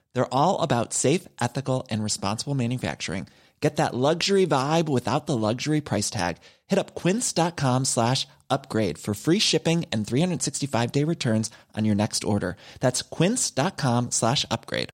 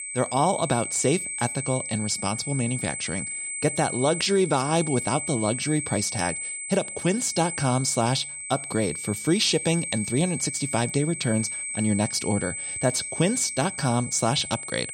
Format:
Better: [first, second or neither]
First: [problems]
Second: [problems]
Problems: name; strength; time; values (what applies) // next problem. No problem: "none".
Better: first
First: none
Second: high-pitched whine; loud; throughout; 8 kHz, 5 dB below the speech